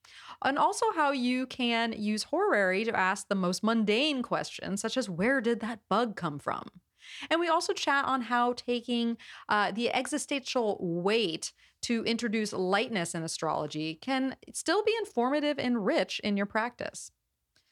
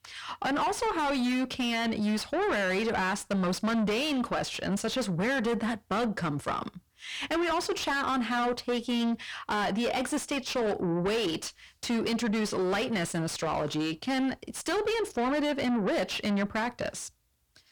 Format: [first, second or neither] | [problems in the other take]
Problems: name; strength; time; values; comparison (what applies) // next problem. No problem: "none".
first | distortion; heavy; 6 dB below the speech